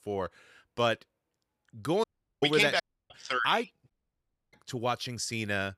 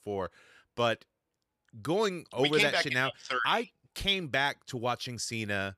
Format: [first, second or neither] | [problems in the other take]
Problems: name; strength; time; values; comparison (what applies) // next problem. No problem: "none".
second | audio cutting out; at 2 s, at 3 s and at 4 s for 0.5 s